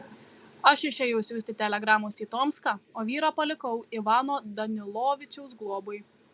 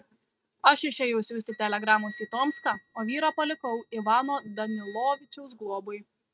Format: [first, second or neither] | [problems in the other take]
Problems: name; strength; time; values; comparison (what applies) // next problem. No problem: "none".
first | noise reduction (neural mask model RNNoise)